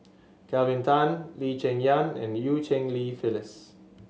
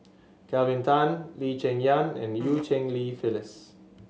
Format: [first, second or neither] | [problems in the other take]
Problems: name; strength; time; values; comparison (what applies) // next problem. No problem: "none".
first | background sound (Fart); 13 dB below the speech